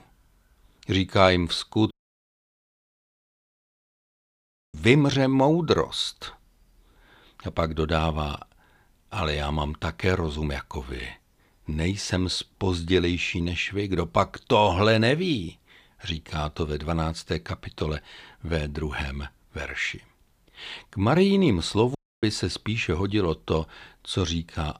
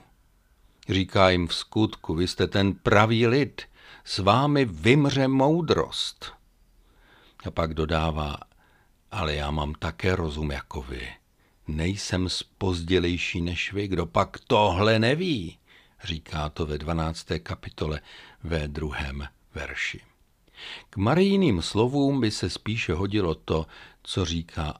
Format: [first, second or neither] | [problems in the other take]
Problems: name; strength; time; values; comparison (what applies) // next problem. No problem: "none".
second | audio cutting out; at 2 s for 3 s and at 22 s